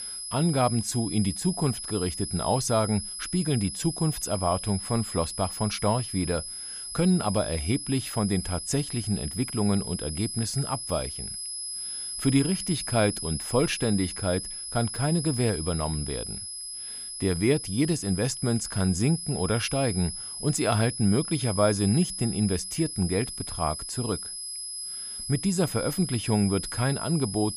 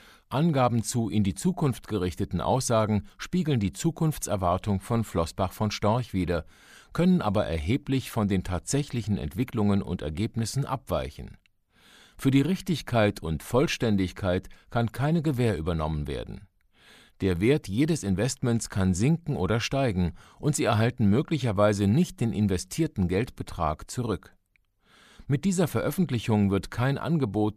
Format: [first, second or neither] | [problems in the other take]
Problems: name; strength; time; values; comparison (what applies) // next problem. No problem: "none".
second | high-pitched whine; loud; throughout; 11 kHz, 6 dB below the speech